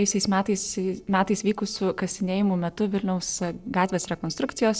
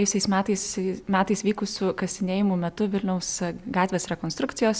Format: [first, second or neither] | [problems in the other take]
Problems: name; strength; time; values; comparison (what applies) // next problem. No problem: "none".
second | noise reduction (neural separator model SepFormer DNS4)